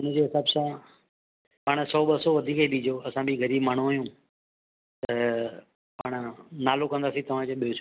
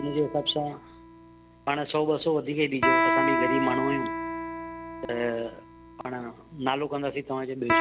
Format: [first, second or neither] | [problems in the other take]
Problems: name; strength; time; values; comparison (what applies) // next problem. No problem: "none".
first | background sound (Electric guitar); 1 dB below the speech